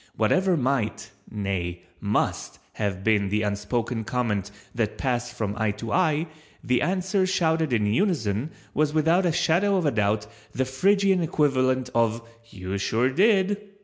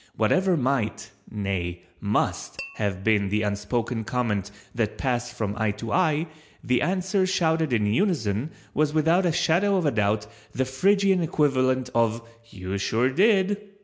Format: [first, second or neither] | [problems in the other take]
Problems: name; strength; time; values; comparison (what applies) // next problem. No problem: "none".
first | background sound (Tap / Glass); 19 dB below the speech